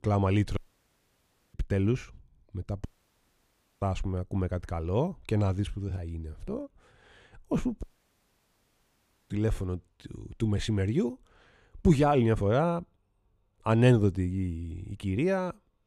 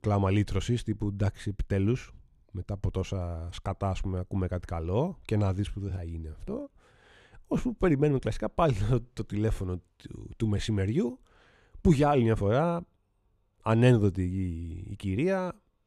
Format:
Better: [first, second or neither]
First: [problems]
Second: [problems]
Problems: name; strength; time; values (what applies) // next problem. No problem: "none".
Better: second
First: audio cutting out; at 0.5 s for 1 s, at 3 s for 1 s and at 8 s for 1.5 s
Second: none